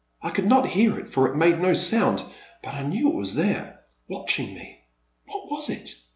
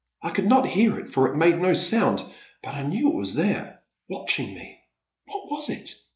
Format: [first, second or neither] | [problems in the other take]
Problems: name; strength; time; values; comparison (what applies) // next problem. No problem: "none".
first | noise reduction (neural mask model Resemble Enhance denoiser)